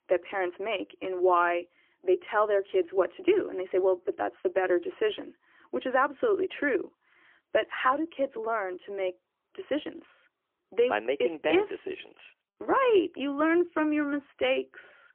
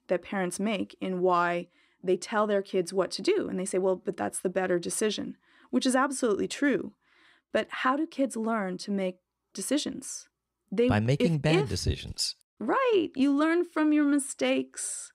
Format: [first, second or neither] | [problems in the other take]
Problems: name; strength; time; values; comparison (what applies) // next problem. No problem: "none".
second | phone-call audio; poor line; nothing above 3 kHz